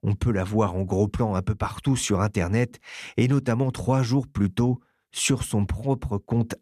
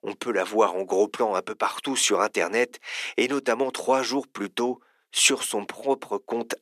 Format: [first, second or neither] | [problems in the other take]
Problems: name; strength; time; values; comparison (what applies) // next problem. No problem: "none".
first | thin; very; fading below 350 Hz